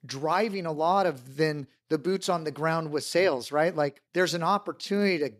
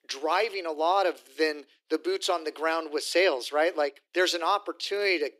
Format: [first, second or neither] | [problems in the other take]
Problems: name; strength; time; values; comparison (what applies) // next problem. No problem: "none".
first | thin; very; fading below 300 Hz